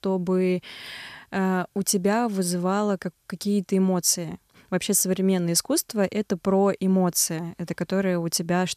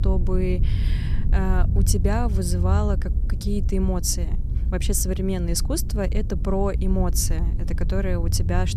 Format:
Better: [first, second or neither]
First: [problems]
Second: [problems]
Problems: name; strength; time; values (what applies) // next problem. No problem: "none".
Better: first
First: none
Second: low rumble; noticeable; throughout; 10 dB below the speech